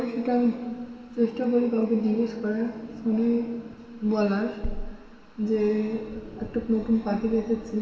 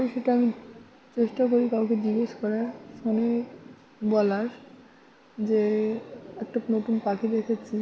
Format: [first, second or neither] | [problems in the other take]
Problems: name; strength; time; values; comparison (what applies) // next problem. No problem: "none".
second | background sound (Wind); 15 dB below the speech // room echo; dies away in 1.9 s